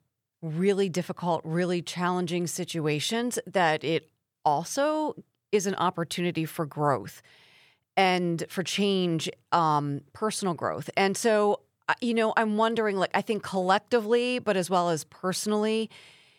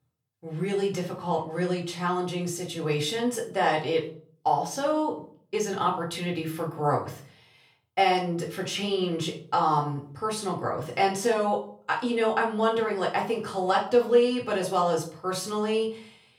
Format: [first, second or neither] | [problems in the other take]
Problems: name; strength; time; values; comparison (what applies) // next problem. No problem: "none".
first | room echo; slight; dies away in 0.4 s // off-mic speech; far